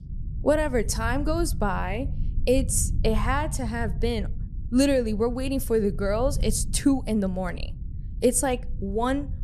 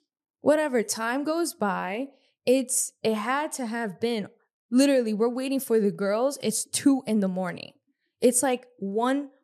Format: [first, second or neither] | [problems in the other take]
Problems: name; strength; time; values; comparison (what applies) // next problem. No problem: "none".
second | low rumble; faint; throughout; 20 dB below the speech